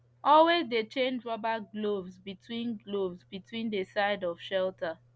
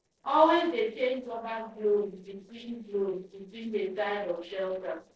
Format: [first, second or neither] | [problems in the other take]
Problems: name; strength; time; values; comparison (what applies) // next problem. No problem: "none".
first | noise reduction (neural separator model SepFormer DNS4)